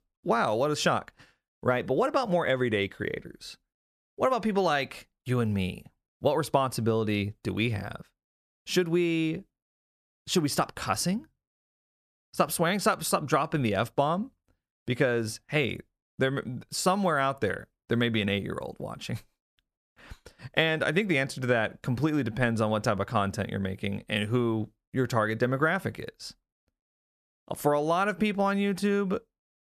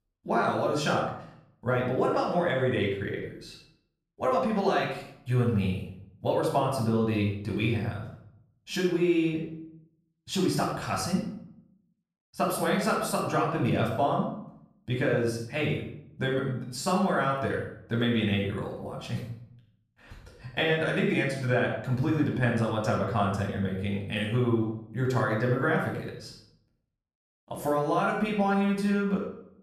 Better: first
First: none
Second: off-mic speech; far // room echo; noticeable; dies away in 0.6 s

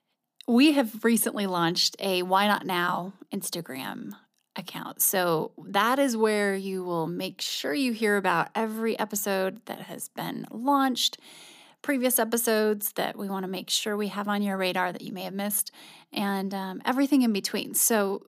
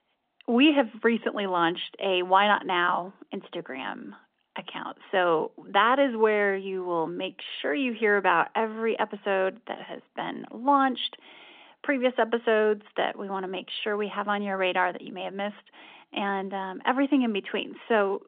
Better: first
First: none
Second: phone-call audio; nothing above 3 kHz

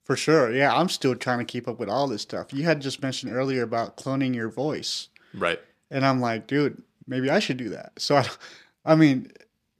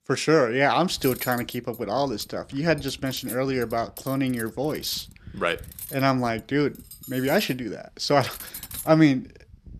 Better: first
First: none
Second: clattering dishes; noticeable; from 1 s on; peak 8 dB below the speech

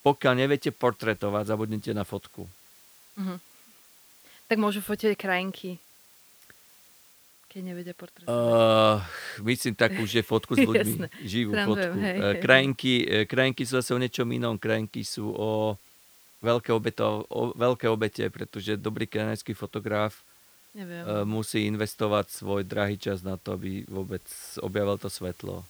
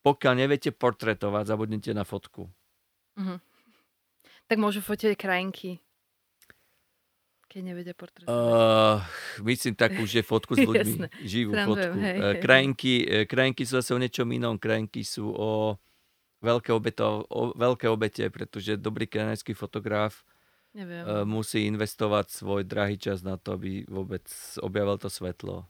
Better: second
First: hiss; faint; throughout; 25 dB below the speech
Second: none

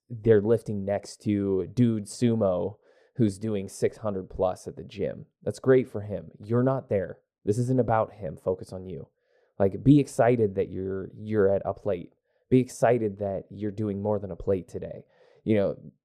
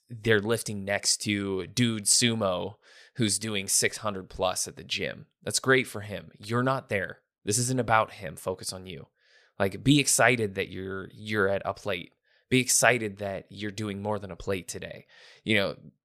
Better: second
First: muffled; very; fading above 1 kHz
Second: none

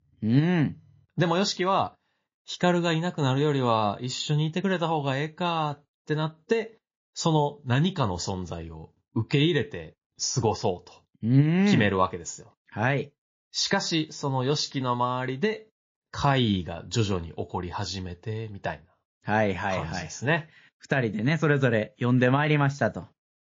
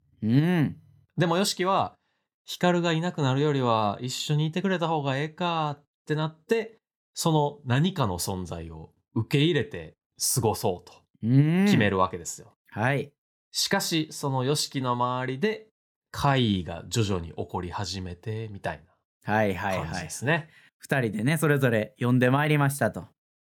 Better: second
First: garbled, watery; slightly; nothing above 7 kHz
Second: none

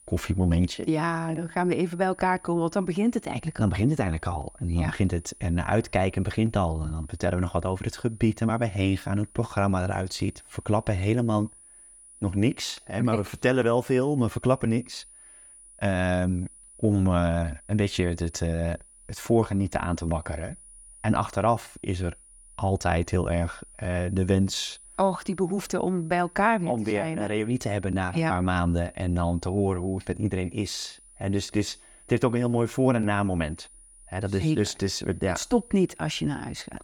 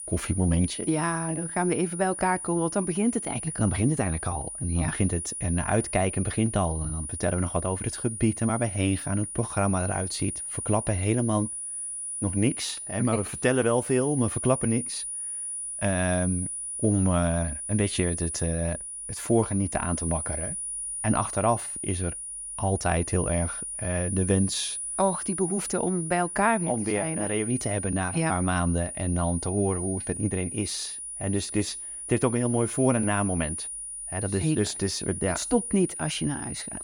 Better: first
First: high-pitched whine; faint; throughout; 9.5 kHz, 25 dB below the speech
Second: high-pitched whine; loud; throughout; 9.5 kHz, 5 dB below the speech

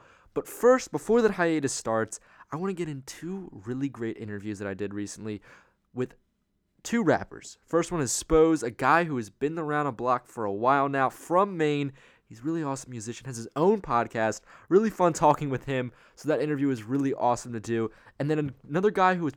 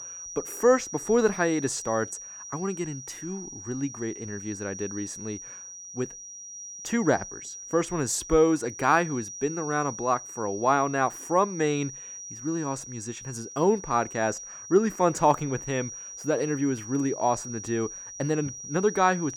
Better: first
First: none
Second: high-pitched whine; noticeable; throughout; 6 kHz, 10 dB below the speech

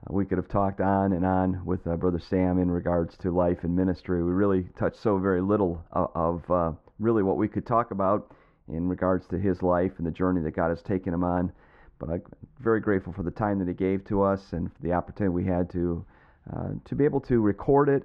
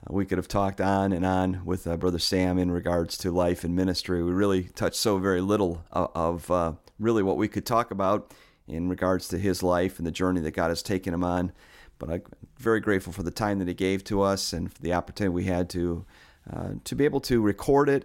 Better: second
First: muffled; very; fading above 1 kHz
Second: none

